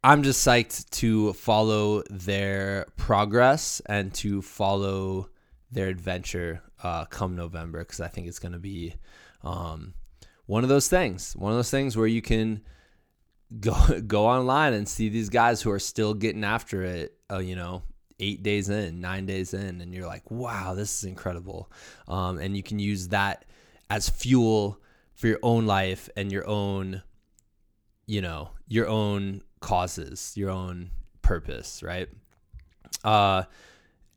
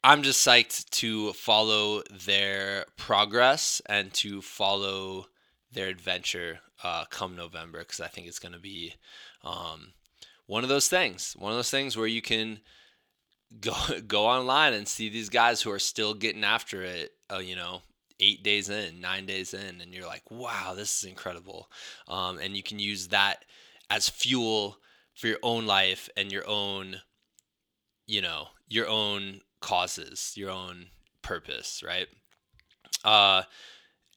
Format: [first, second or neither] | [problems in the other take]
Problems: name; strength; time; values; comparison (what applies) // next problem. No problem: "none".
first | thin; somewhat; fading below 1 kHz